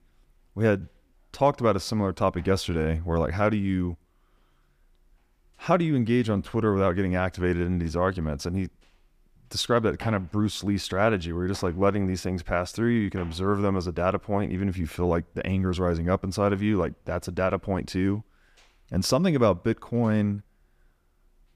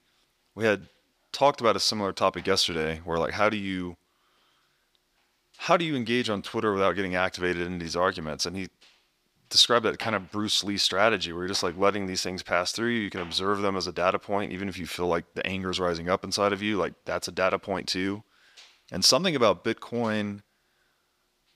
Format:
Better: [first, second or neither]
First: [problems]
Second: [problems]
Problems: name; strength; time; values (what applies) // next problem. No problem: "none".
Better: first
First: none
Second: thin; somewhat; fading below 500 Hz